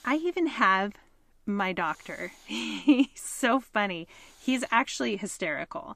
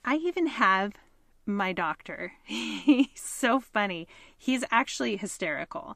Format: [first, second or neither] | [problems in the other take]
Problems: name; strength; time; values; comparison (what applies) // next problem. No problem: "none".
second | hiss; faint; throughout; 30 dB below the speech